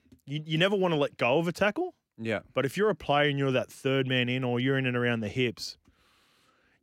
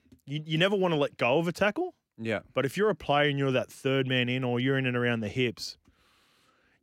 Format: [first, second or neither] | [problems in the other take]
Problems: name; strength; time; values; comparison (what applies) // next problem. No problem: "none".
neither | none